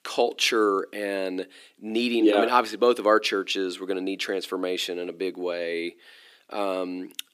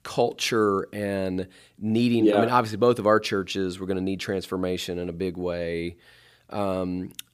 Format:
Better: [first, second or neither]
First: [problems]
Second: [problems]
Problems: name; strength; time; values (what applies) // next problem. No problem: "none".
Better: second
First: thin; very slightly; fading below 300 Hz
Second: none